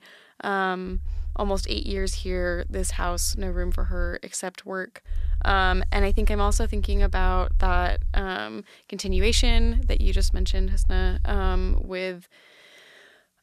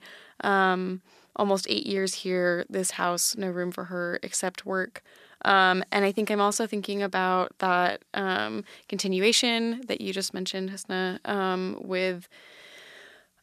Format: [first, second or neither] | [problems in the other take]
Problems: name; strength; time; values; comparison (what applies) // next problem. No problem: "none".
second | low rumble; faint; from 1 to 4 s, from 5 to 8 s and from 9 to 12 s; 25 dB below the speech